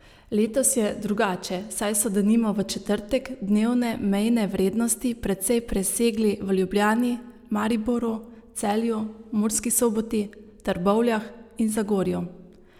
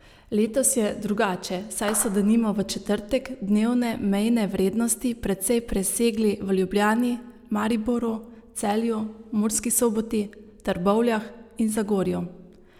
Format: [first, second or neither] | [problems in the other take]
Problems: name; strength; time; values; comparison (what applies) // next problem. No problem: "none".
first | background sound (Clapping); 15 dB below the speech